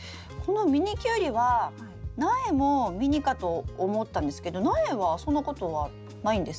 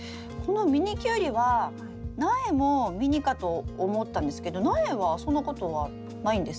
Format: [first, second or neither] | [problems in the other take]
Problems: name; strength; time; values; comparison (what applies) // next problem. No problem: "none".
first | background sound (Brass instrument); 16 dB below the speech